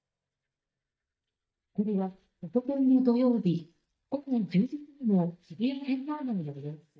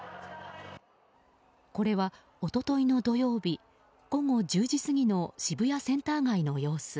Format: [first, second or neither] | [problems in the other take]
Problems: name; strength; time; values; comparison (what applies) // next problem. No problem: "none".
second | noise reduction (neural mask model DeepFilterNet 3)